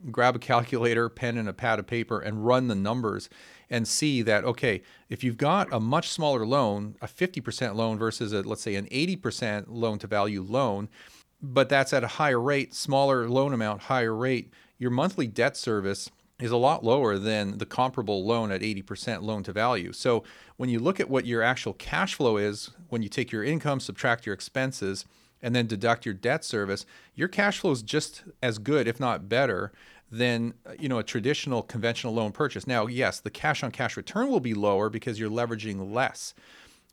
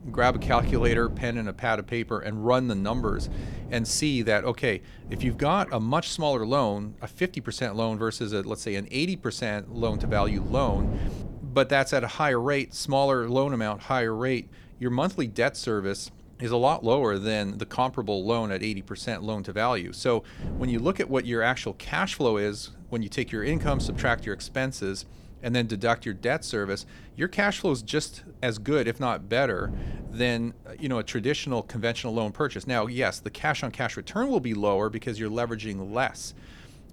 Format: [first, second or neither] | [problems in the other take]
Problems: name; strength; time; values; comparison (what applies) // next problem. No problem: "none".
first | wind noise on the microphone; occasional gusts; 20 dB below the speech